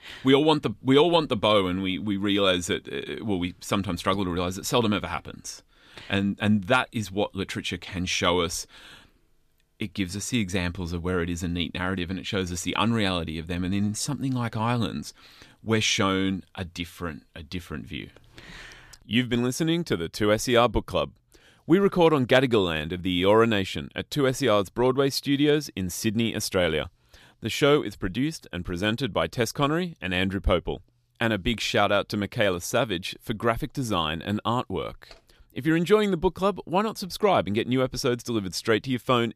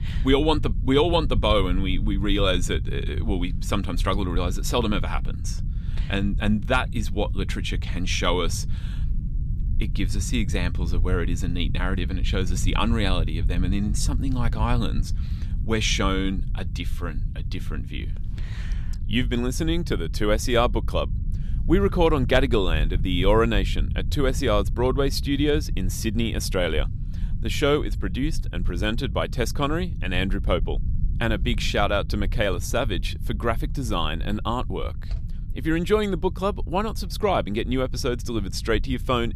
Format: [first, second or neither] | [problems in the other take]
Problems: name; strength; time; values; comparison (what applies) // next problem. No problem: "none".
first | low rumble; noticeable; throughout; 20 dB below the speech